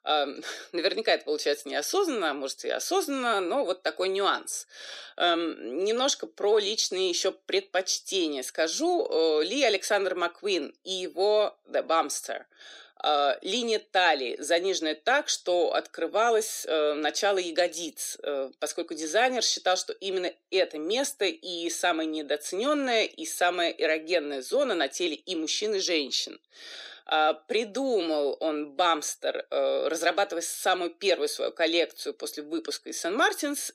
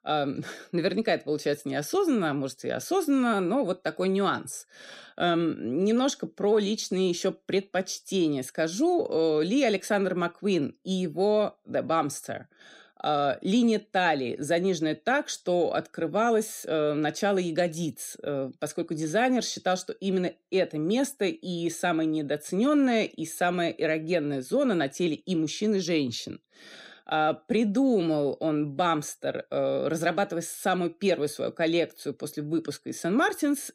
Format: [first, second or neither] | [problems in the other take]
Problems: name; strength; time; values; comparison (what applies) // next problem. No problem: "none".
second | thin; somewhat; fading below 350 Hz